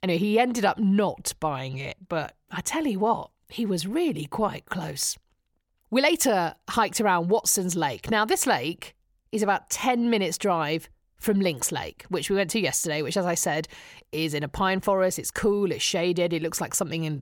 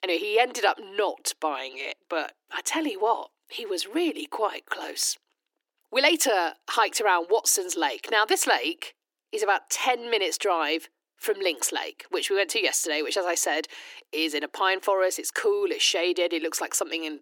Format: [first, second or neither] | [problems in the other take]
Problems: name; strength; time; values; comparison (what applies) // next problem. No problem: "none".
first | thin; very; fading below 300 Hz